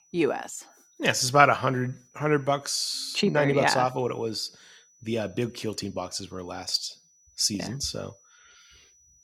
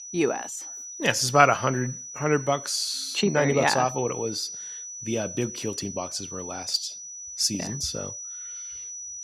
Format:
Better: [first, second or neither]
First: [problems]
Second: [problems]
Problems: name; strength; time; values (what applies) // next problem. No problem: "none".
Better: first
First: high-pitched whine; faint; throughout; 6 kHz, 30 dB below the speech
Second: high-pitched whine; loud; throughout; 6 kHz, 10 dB below the speech